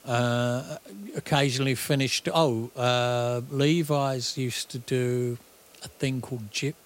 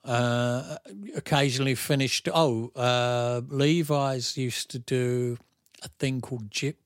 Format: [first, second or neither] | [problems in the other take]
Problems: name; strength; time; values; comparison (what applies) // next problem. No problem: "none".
second | hiss; faint; throughout; 25 dB below the speech